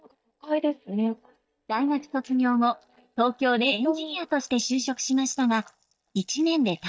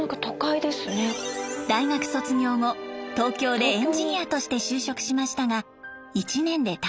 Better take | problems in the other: second | noise reduction (neural mask model DeepFilterNet 3)

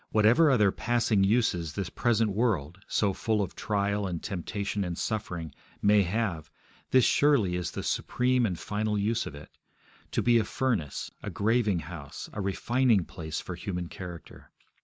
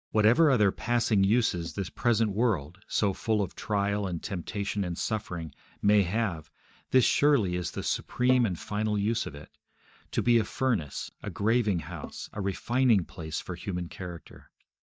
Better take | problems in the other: first | noise reduction (neural mask model DeepFilterNet 3)

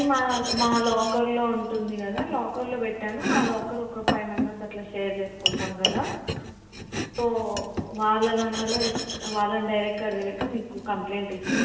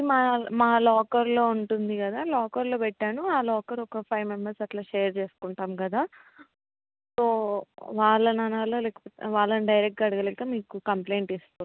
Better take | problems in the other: second | background sound (Domestic sounds, home sounds); 4 dB below the speech // room echo; dies away in 1 s

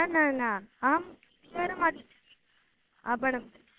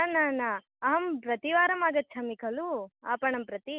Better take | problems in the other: second | noise reduction (neural separator model SepFormer WHAM!)

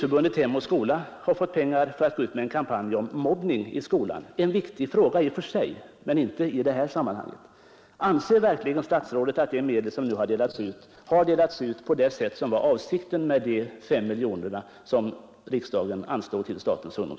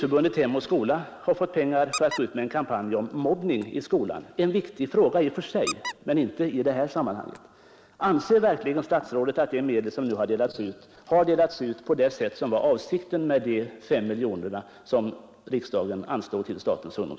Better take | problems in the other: first | background sound (Squeak); 13 dB below the speech

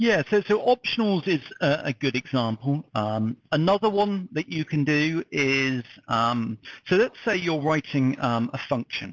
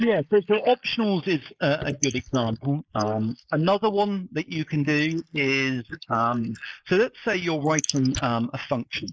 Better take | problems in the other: first | noise reduction (neural mask model Resemble Enhance denoiser)

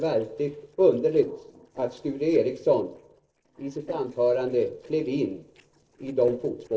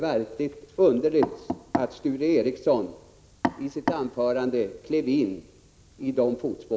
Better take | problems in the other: second | noise reduction (neural separator model SepFormer DNS4)

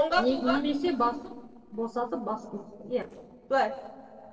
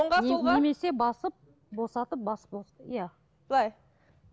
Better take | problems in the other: second | noise reduction (neural separator model SepFormer DNS4)

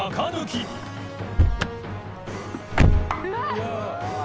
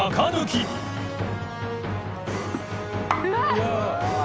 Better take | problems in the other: second | background sound (Slam / Car); 4 dB above the speech

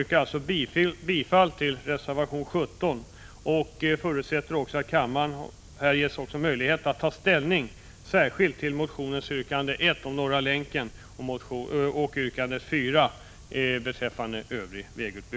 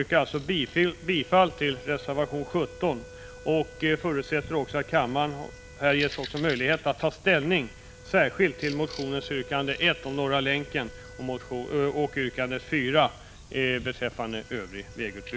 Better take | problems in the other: first | background sound (Bird vocalization, bird call, bird song + Wind instrument, woodwind instrument); 19 dB below the speech

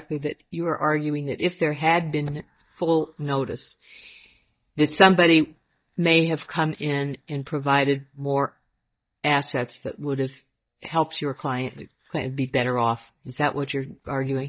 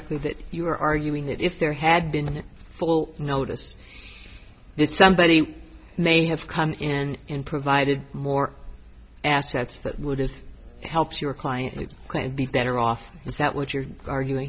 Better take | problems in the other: second | noise reduction (neural mask model DeepFilterNet 3)

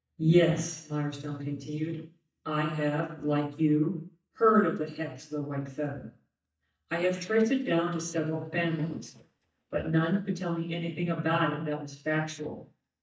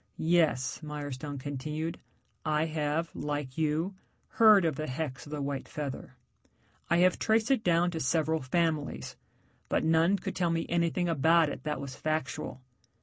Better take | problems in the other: second | noise reduction (neural mask model DeepFilterNet 3)

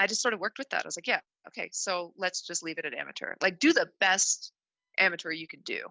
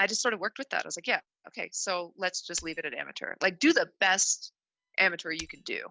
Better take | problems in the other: first | background sound (Shatter); 14 dB below the speech

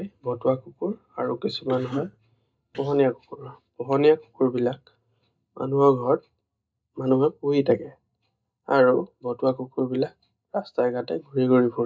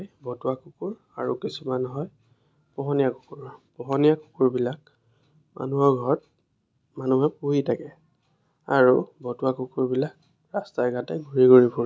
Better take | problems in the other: second | noise reduction (neural mask model DeepFilterNet 3)

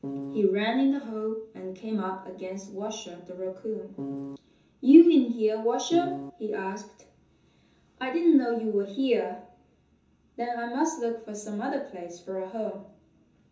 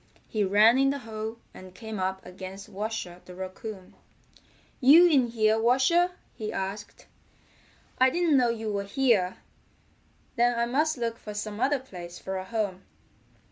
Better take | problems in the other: second | background sound (Piano); 7 dB below the speech // room echo; dies away in 0.6 s

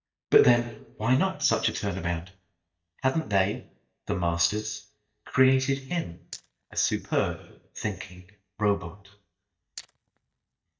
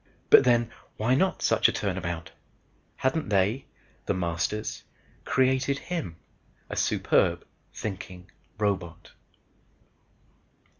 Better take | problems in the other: second | noise reduction (neural mask model DeepFilterNet 3)

